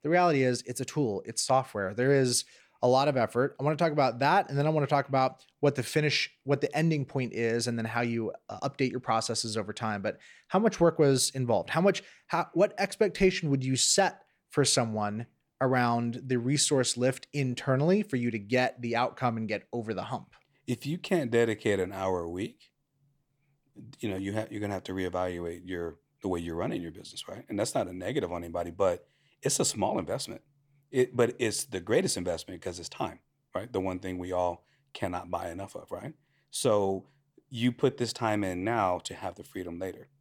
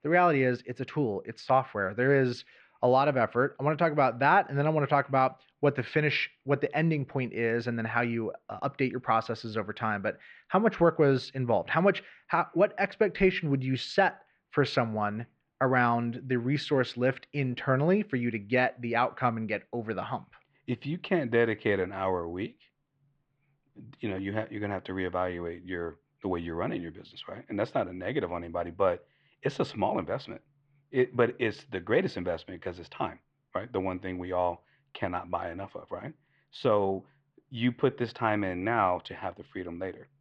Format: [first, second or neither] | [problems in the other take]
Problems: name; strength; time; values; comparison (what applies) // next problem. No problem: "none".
first | muffled; very; fading above 3.5 kHz